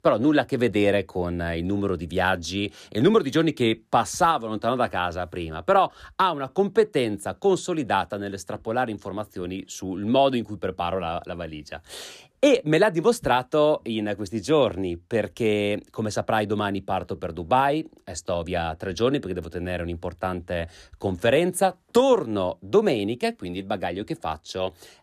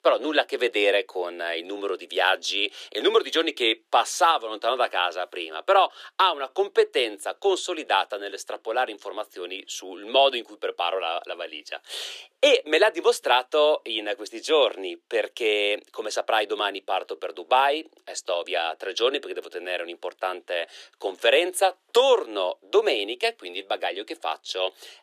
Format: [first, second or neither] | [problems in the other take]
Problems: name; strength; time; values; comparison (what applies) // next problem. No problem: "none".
first | thin; very; fading below 350 Hz